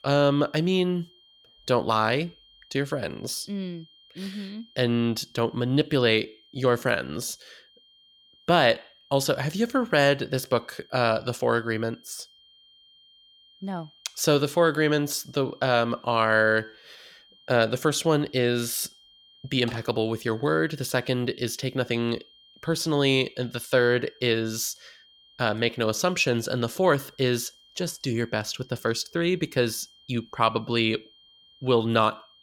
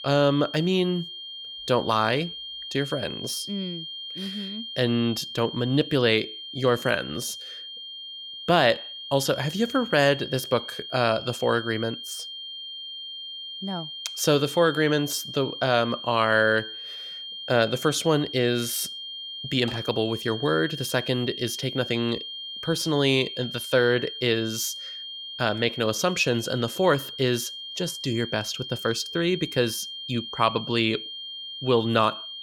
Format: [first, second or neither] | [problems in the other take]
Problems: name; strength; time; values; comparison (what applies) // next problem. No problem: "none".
first | high-pitched whine; loud; throughout; 3 kHz, 9 dB below the speech; faint in the first